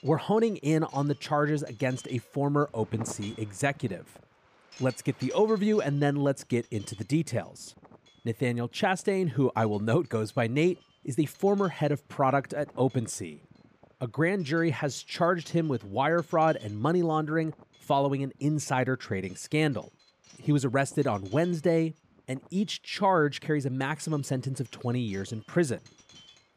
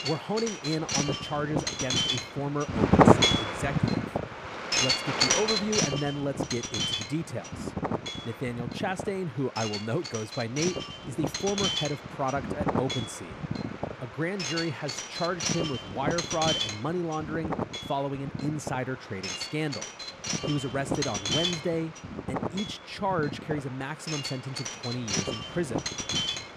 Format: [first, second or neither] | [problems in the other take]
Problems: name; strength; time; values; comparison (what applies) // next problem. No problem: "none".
first | wind noise on the microphone; heavy; 4 dB above the speech; occasional gusts in the first